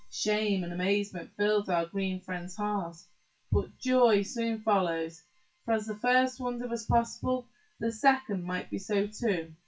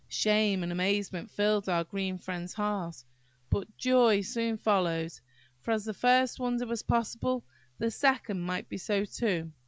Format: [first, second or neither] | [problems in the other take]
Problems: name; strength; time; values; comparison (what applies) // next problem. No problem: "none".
second | noise reduction (classical method WPE with log-MMSE)